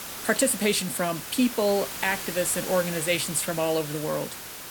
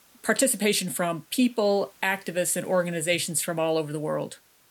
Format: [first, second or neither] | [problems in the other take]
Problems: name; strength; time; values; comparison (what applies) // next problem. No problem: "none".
second | hiss; loud; throughout; 8 dB below the speech; faint in the second